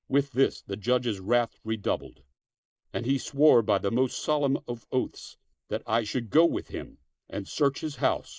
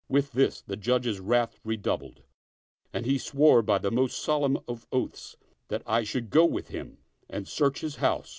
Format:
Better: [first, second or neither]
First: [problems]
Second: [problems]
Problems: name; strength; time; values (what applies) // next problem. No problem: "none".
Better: second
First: noise reduction (neural mask model Resemble Enhance denoiser)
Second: none